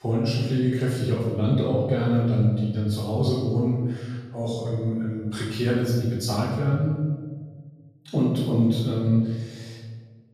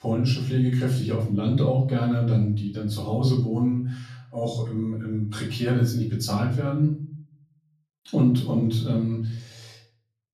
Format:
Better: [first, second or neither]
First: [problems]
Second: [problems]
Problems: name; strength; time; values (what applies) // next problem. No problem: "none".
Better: second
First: room echo; strong; dies away in 1.3 s // off-mic speech; far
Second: room echo; slight; dies away in 0.5 s // off-mic speech; far